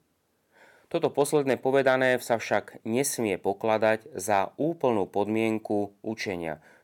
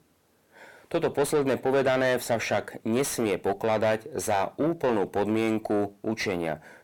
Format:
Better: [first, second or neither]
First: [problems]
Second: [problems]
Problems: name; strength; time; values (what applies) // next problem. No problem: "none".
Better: first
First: none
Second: distortion; heavy; 8 dB below the speech